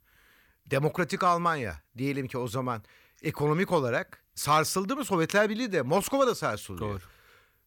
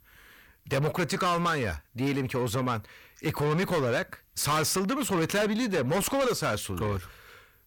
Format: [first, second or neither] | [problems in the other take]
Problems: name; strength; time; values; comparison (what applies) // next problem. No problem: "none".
first | distortion; heavy; 6 dB below the speech